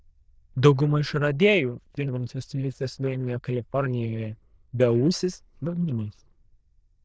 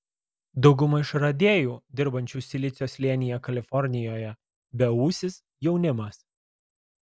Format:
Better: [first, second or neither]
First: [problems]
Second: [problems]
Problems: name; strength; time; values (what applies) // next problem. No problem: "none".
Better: second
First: noise reduction (neural diffusion model UNIVERSE++)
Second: none